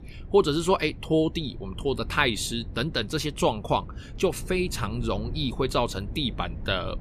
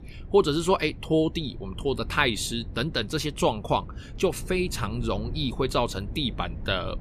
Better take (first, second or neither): neither